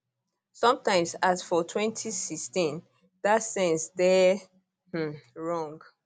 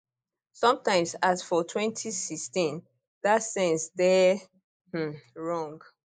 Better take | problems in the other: first | noise reduction (neural mask model Resemble Enhance denoiser)

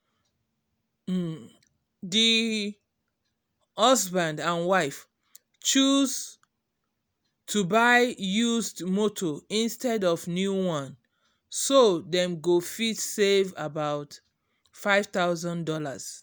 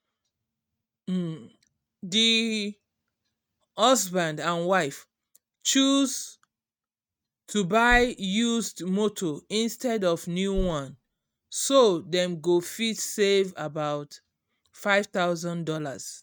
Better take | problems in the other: first | noise reduction (neural mask model RNNoise)

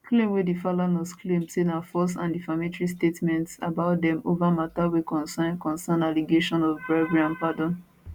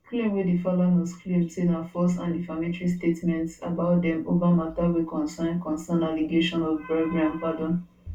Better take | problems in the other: first | room echo; dies away in 0.2 s

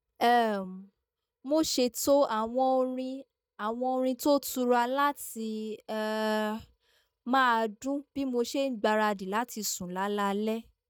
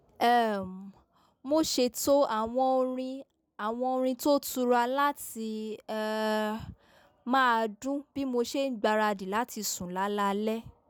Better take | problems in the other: second | noise reduction (neural mask model DeepFilterNet 3)

